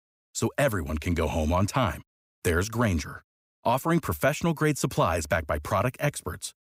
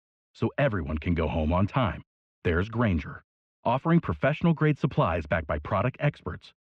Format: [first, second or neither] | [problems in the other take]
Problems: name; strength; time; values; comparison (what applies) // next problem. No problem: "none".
first | muffled; very; fading above 3 kHz